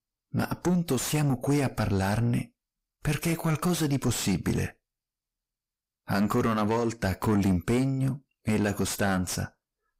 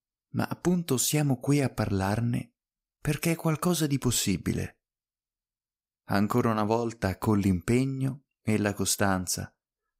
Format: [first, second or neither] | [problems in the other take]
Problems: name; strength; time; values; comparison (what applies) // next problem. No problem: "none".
second | distortion; heavy; 6 dB below the speech